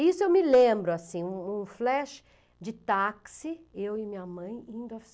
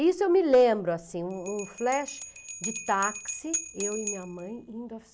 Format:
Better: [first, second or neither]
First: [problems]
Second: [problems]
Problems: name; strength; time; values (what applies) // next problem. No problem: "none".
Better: first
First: none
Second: background sound (Bell); 11 dB below the speech